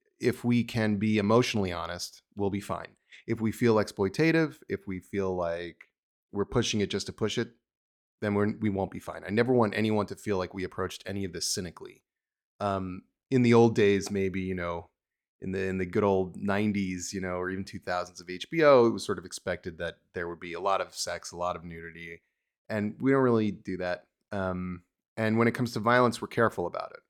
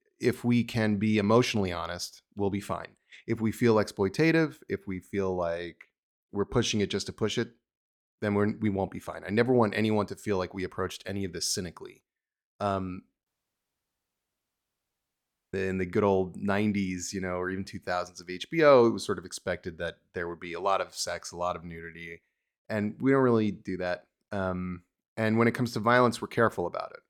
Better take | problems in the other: first | audio cutting out; at 13 s for 2.5 s

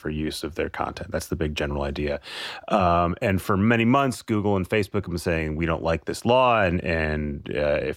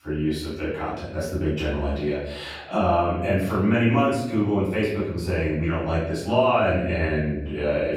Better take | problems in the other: first | room echo; noticeable; dies away in 0.8 s // off-mic speech; far

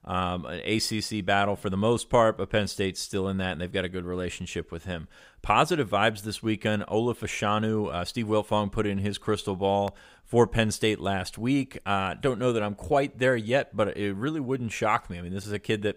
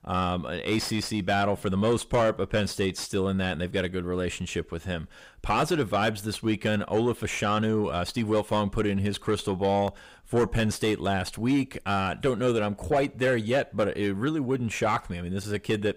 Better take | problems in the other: first | distortion; slight; 10 dB below the speech

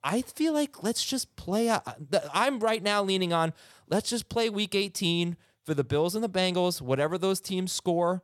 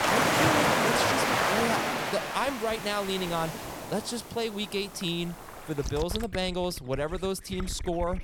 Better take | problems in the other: first | rain or running water; very loud; throughout; 4 dB above the speech

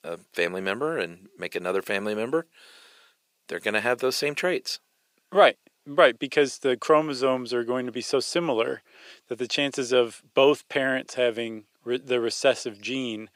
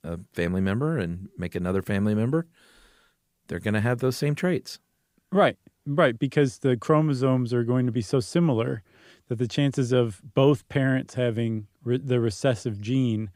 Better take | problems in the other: second | thin; somewhat; fading below 500 Hz

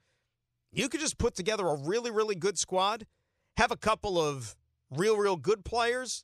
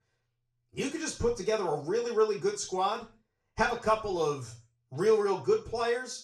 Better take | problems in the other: first | room echo; slight; dies away in 0.3 s // off-mic speech; far

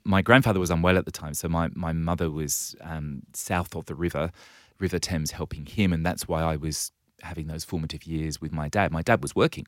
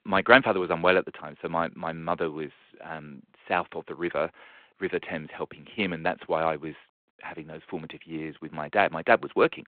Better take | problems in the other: first | phone-call audio

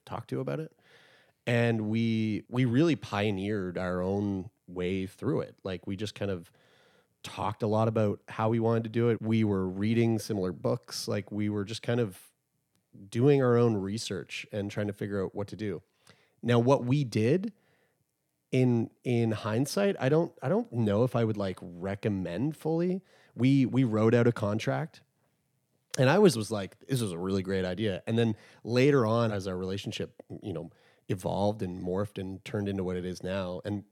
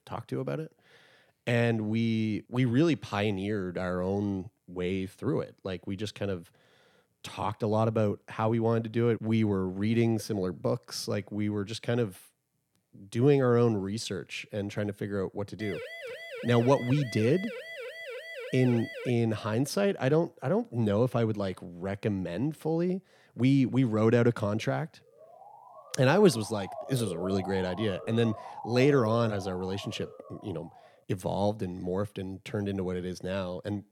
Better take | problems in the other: first | siren; faint; from 16 to 19 s; peak 10 dB below the speech // siren; noticeable; from 25 to 31 s; peak 9 dB below the speech

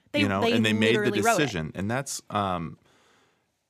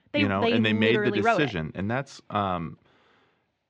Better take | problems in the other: first | muffled; slightly; fading above 4 kHz

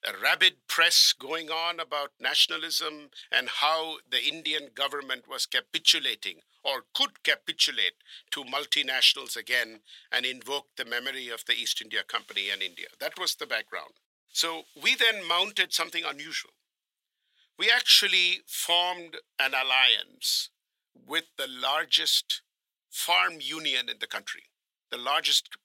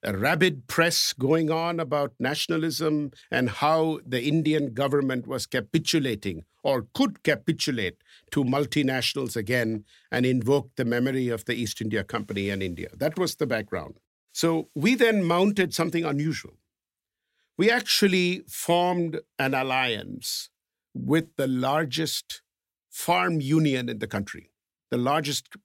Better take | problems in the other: second | thin; very; fading below 950 Hz

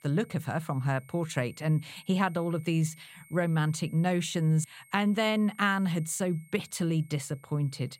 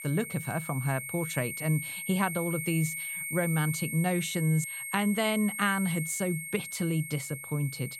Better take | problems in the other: first | high-pitched whine; loud; throughout; 2 kHz, 5 dB below the speech; faint in the first

